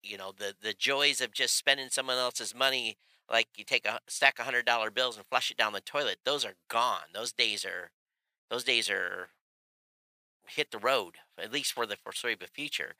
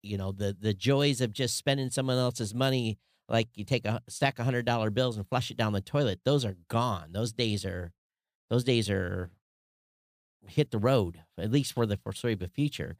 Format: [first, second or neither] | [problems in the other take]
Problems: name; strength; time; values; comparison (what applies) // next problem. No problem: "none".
second | thin; very; fading below 800 Hz